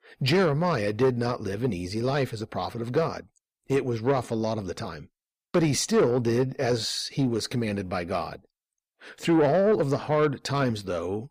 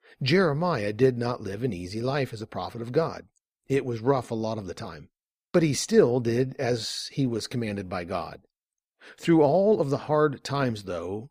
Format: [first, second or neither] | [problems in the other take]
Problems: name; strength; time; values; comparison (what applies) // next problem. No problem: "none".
second | distortion; slight; 10 dB below the speech